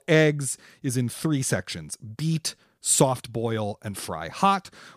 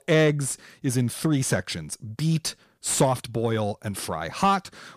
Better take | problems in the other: first | distortion; slight; 10 dB below the speech

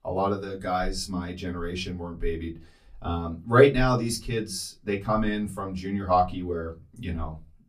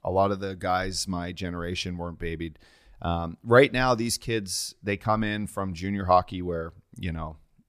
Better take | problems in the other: second | off-mic speech; far // room echo; very slight; dies away in 0.2 s

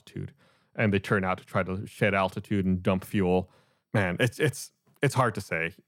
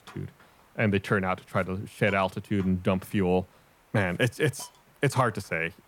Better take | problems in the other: first | hiss; faint; throughout; 25 dB below the speech

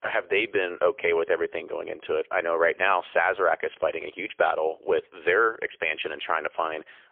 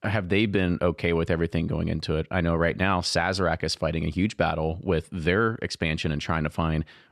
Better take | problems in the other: second | phone-call audio; poor line; nothing above 3.5 kHz

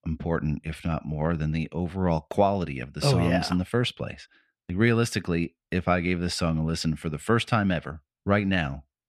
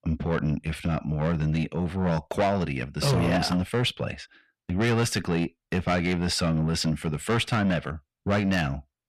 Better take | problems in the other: first | distortion; heavy; 7 dB below the speech

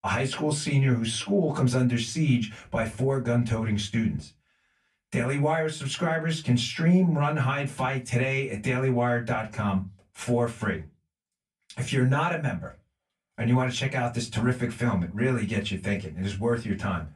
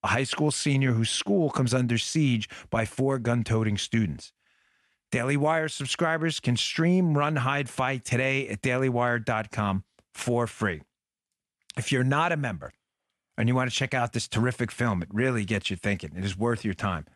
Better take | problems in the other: second | off-mic speech; far // room echo; very slight; dies away in 0.2 s

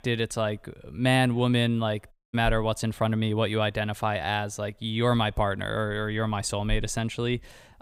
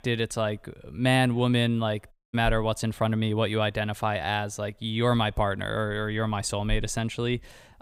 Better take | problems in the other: neither | audio cutting out; at 2 s; the same in both

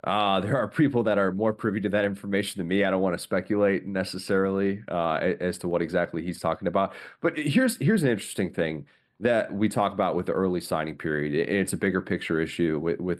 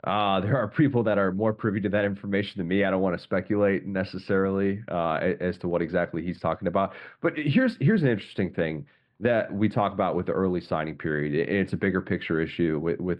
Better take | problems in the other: first | muffled; slightly; fading above 3.5 kHz

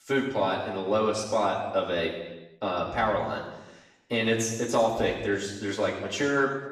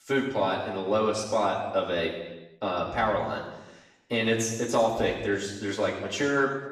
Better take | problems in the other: neither | room echo; noticeable; dies away in 1 s; the same in both // off-mic speech; far; the same in both

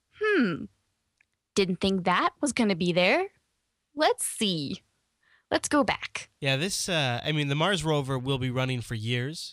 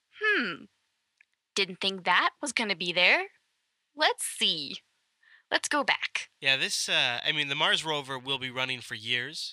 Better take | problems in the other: first | thin; somewhat; fading below 900 Hz

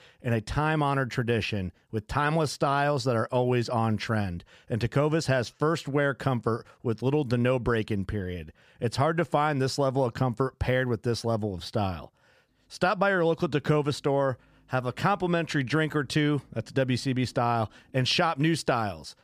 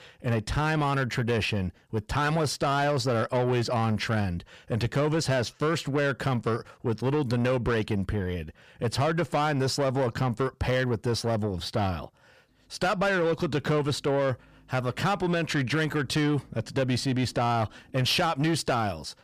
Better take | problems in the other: first | distortion; slight; 10 dB below the speech

